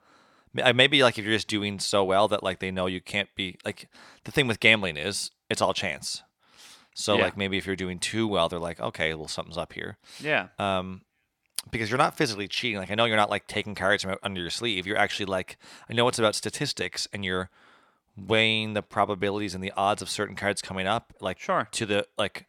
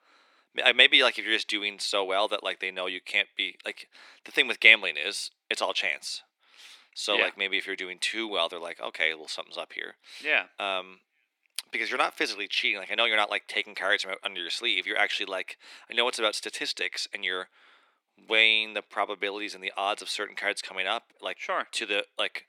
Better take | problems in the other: first | thin; somewhat; fading below 300 Hz

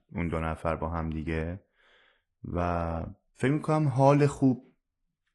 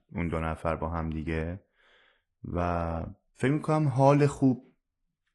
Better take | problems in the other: neither | garbled, watery; slightly; nothing above 10 kHz; the same in both

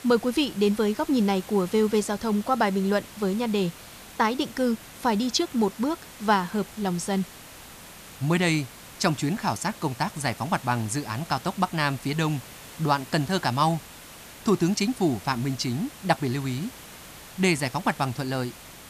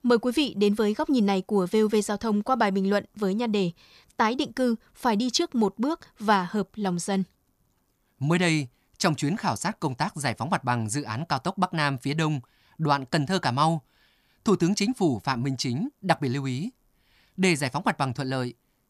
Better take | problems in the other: second | hiss; noticeable; throughout; 15 dB below the speech

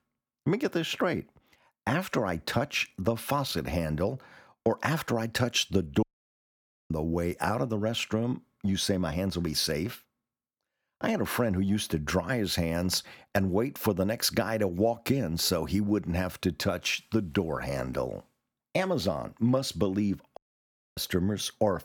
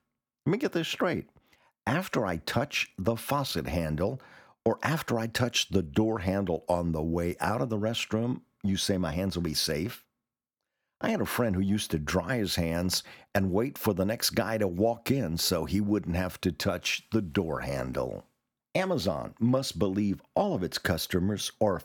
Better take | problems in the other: second | audio cutting out; at 6 s for 1 s and at 20 s for 0.5 s

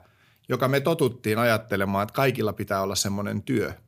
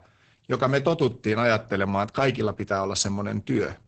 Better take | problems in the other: first | garbled, watery; badly; nothing above 8 kHz

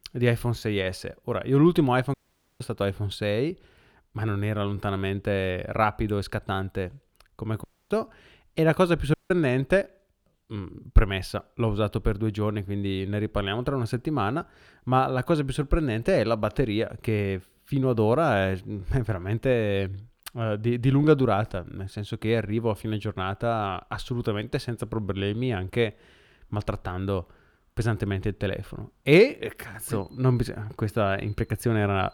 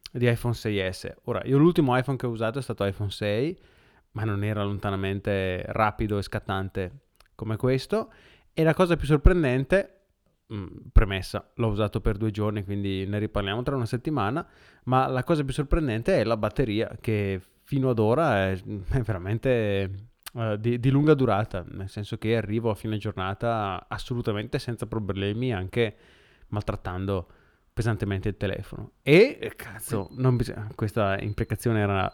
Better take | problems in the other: second | audio cutting out; at 2 s, at 7.5 s and at 9 s

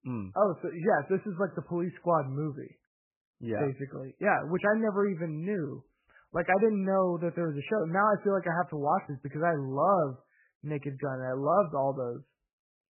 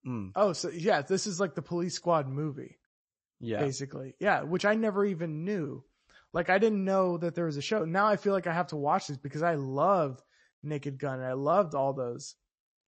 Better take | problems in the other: second | garbled, watery; badly; nothing above 2.5 kHz; slightly in the second

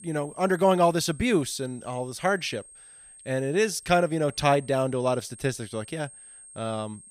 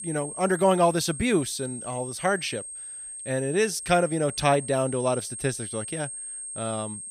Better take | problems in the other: first | high-pitched whine; loud; throughout; 8.5 kHz, 9 dB below the speech; faint in the first

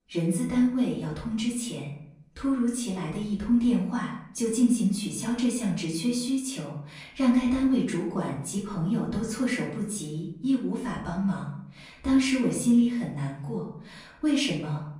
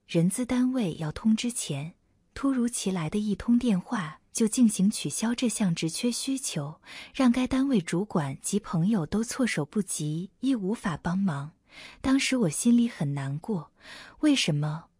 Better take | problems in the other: second | off-mic speech; far // room echo; noticeable; dies away in 0.6 s

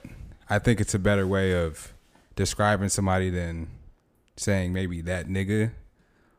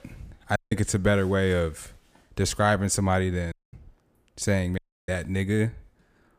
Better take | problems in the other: first | audio cutting out; at 0.5 s, at 3.5 s and at 5 s

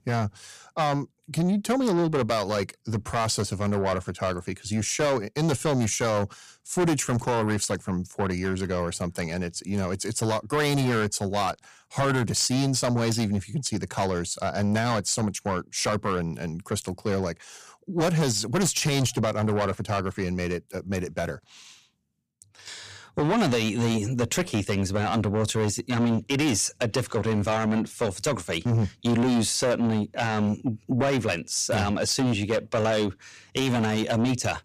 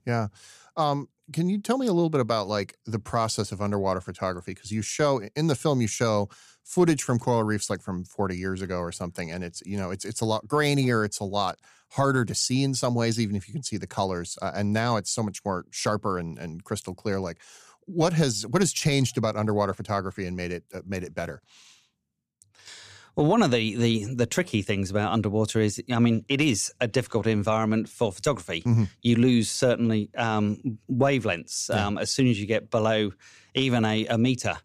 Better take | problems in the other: second | distortion; heavy; 7 dB below the speech

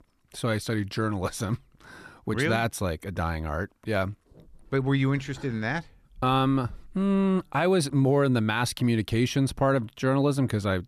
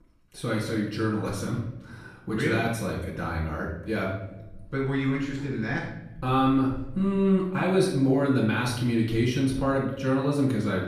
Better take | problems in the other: first | off-mic speech; far // room echo; noticeable; dies away in 0.7 s

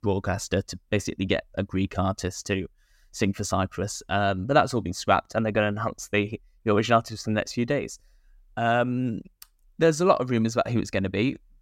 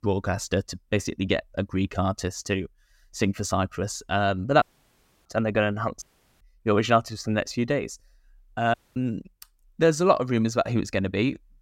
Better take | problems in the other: first | audio cutting out; at 4.5 s for 0.5 s, at 6 s and at 8.5 s

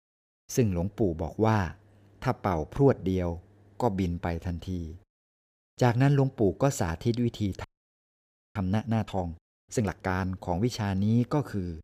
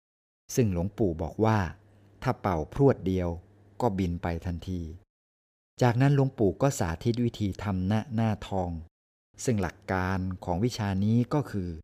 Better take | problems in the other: second | audio freezing; at 7.5 s for 1 s

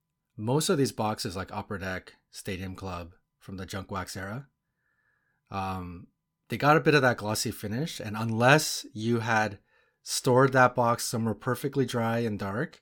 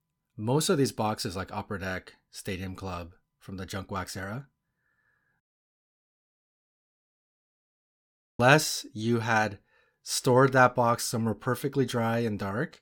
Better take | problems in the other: first | audio cutting out; at 5.5 s for 3 s

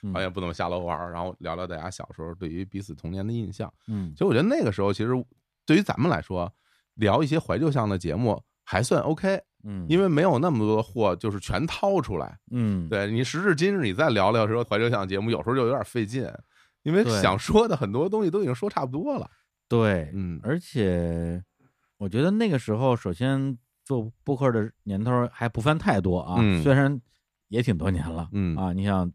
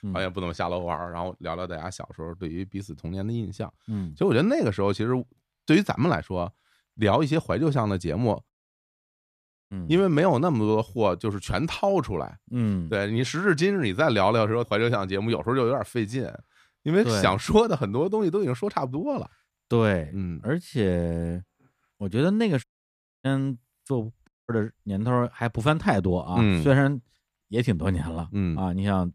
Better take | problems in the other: first | audio cutting out; at 8.5 s for 1 s, at 23 s for 0.5 s and at 24 s

